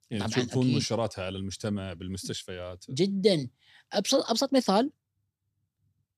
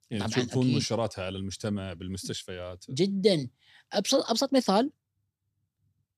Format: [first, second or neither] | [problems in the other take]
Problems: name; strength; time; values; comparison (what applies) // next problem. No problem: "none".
neither | none